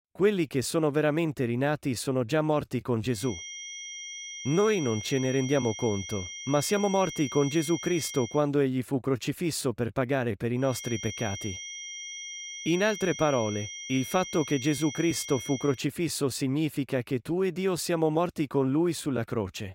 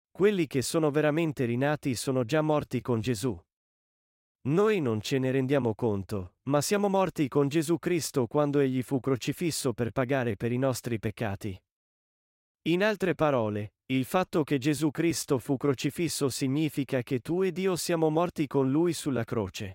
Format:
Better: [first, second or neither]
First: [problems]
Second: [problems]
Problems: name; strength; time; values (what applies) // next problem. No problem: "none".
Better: second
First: high-pitched whine; loud; from 3 to 8.5 s and from 11 to 16 s; 3 kHz, 9 dB below the speech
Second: none